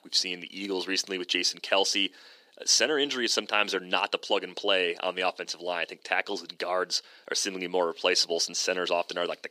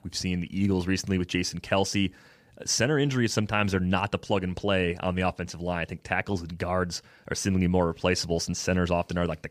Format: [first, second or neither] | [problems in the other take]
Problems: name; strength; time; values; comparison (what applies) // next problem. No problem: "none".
second | thin; somewhat; fading below 300 Hz